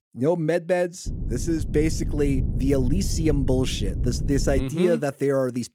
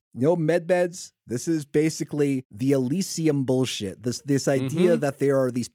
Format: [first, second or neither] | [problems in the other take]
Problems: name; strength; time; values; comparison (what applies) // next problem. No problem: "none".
second | low rumble; noticeable; from 1 to 4.5 s; 15 dB below the speech